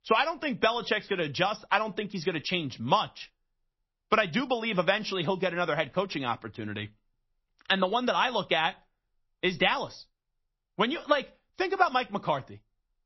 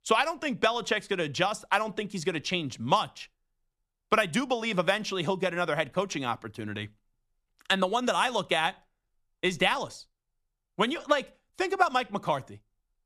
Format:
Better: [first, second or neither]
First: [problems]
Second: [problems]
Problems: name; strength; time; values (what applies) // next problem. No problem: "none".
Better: second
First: garbled, watery; slightly; nothing above 5.5 kHz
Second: none